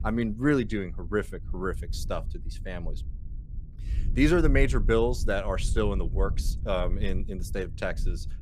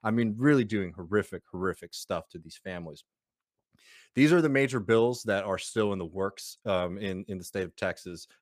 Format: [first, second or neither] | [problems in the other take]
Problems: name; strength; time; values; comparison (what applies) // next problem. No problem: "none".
second | low rumble; faint; throughout; 20 dB below the speech